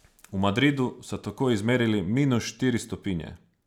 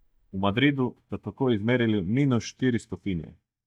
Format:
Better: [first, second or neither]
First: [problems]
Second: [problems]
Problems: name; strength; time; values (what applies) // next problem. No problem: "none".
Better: first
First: none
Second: noise reduction (neural mask model DeepFilterNet 3)